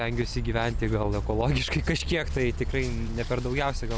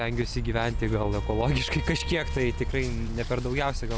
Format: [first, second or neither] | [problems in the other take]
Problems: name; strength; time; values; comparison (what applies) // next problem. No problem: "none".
first | background sound (Bowed string instrument); 18 dB below the speech